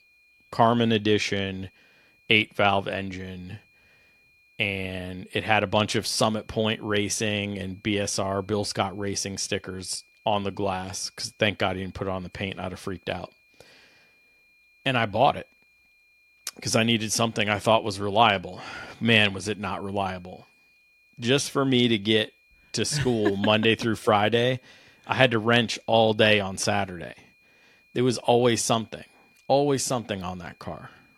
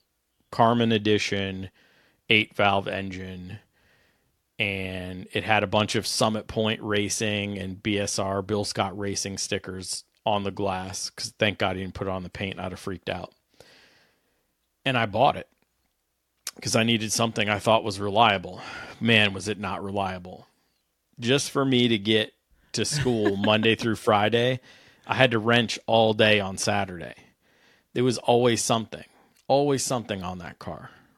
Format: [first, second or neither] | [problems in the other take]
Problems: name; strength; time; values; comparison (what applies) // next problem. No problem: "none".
second | high-pitched whine; faint; throughout; 2.5 kHz, 35 dB below the speech